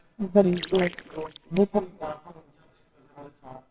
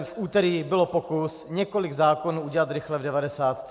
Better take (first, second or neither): second